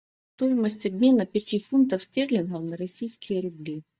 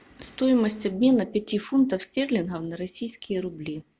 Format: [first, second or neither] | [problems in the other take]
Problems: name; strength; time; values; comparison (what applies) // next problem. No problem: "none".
second | noise reduction (neural mask model DeepFilterNet 3)